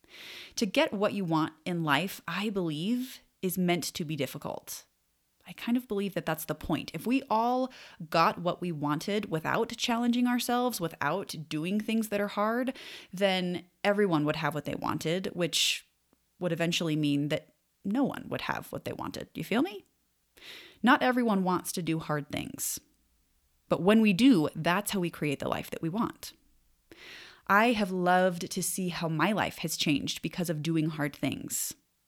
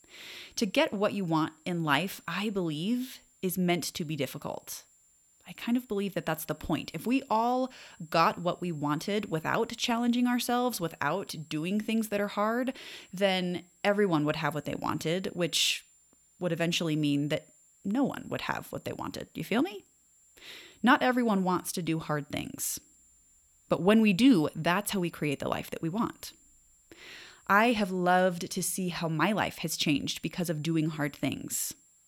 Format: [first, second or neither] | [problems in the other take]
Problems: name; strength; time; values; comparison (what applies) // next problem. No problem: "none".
first | high-pitched whine; faint; throughout; 7.5 kHz, 30 dB below the speech